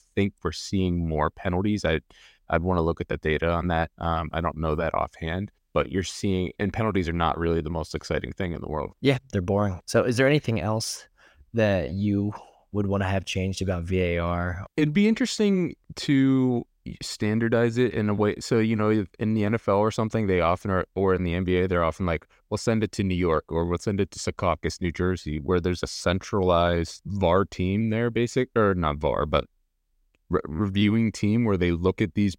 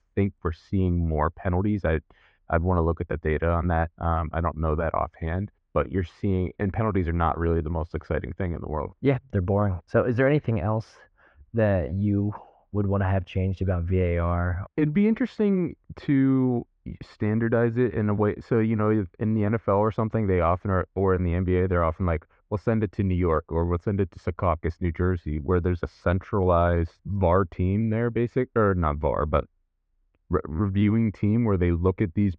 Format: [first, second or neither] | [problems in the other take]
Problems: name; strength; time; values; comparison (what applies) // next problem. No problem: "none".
first | muffled; very; fading above 1.5 kHz